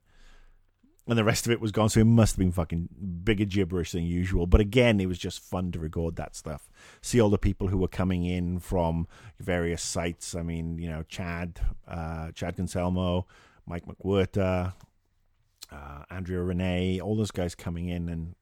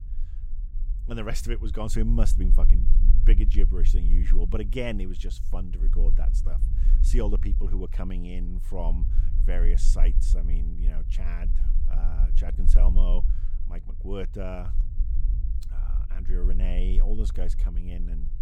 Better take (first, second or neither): first